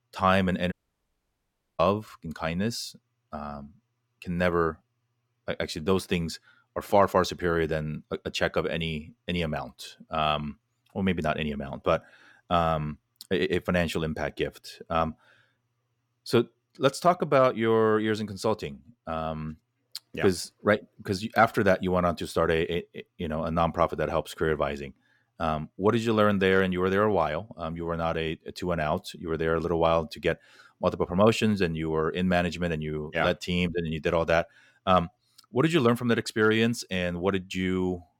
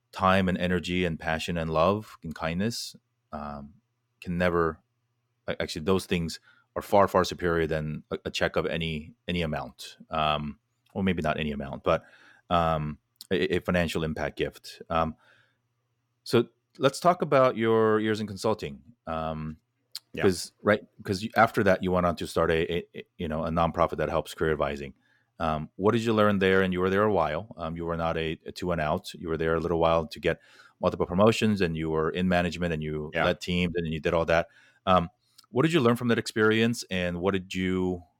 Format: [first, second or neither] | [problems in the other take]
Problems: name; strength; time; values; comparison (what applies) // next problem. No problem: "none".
second | audio cutting out; at 0.5 s for 1 s